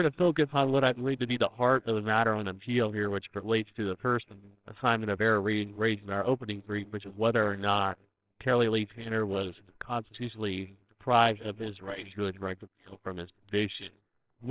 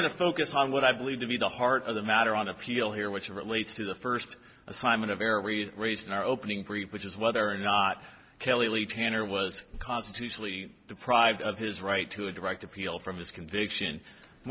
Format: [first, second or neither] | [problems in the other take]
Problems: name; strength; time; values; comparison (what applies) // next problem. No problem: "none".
second | noise reduction (neural separator model SepFormer WHAMR!)